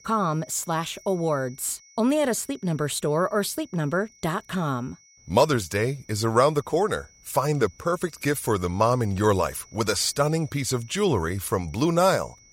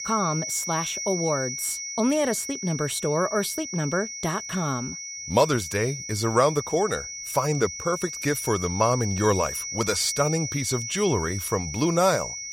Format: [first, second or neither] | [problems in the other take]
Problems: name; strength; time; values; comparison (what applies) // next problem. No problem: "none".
first | high-pitched whine; loud; throughout; 6 kHz, 6 dB below the speech; faint in the first